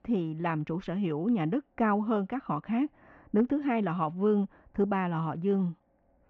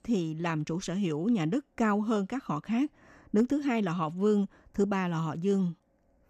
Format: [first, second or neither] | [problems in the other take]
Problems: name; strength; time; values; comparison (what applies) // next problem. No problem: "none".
second | muffled; very; fading above 2.5 kHz